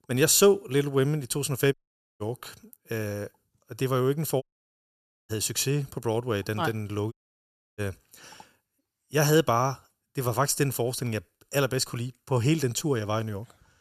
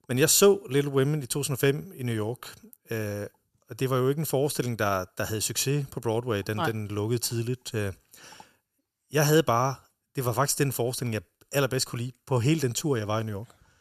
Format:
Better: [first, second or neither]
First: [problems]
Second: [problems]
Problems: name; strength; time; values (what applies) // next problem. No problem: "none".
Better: second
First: audio cutting out; at 1.5 s, at 4.5 s for 1 s and at 7 s for 0.5 s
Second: none